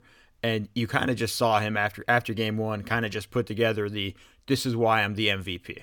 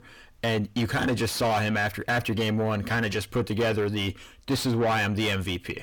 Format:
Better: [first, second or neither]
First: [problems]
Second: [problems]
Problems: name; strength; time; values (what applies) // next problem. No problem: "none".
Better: first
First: none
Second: distortion; heavy; 6 dB below the speech